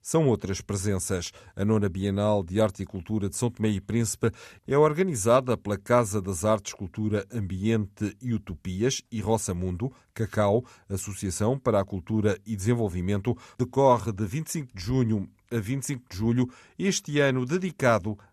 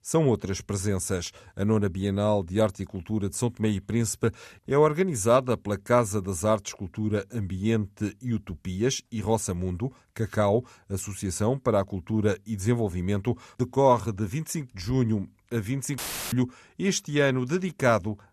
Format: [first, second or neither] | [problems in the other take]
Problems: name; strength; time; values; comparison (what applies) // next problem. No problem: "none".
first | audio cutting out; filled with static; at 16 s